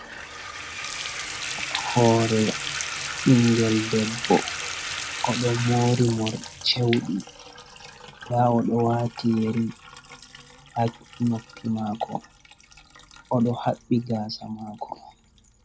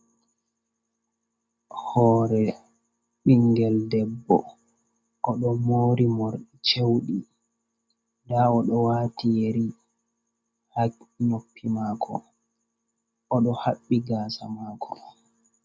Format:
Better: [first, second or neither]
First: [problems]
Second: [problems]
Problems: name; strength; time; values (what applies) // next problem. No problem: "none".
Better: second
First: background sound (Bathtub (filling or washing) / Water tap, faucet); 10 dB below the speech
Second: none